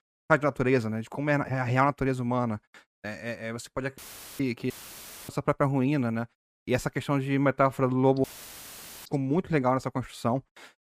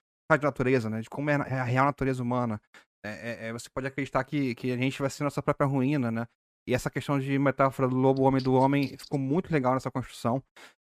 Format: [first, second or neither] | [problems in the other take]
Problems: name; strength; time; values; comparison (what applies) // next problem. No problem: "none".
second | audio cutting out; filled with static; at 4 s, at 4.5 s for 0.5 s and at 8 s for 1 s